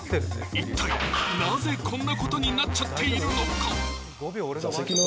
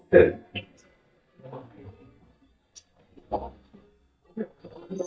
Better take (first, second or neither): first